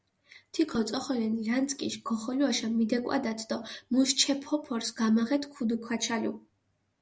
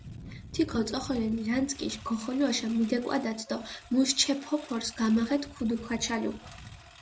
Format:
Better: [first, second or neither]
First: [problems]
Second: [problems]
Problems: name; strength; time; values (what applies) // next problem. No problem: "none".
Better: first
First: none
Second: background sound (Engine); 17 dB below the speech